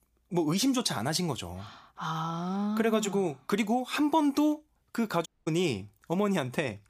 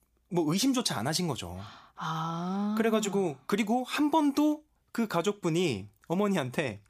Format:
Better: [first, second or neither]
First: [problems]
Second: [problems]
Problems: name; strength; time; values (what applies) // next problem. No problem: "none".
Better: second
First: audio cutting out; at 5.5 s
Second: none